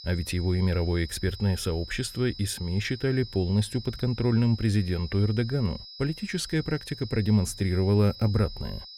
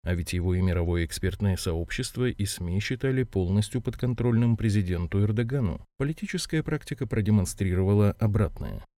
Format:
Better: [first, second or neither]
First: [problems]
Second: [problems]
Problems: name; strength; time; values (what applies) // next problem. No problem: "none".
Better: second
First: high-pitched whine; noticeable; throughout; 5 kHz, 15 dB below the speech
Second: none